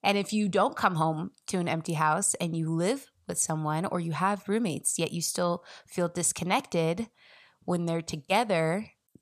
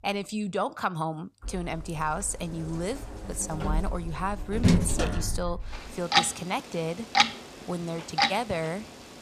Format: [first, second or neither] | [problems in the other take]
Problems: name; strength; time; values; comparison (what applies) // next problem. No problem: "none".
first | household noises; very loud; throughout; 5 dB above the speech